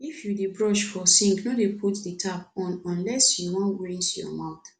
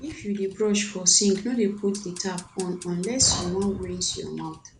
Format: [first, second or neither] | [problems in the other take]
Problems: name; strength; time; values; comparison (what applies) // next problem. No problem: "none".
first | background sound (Fire); 15 dB below the speech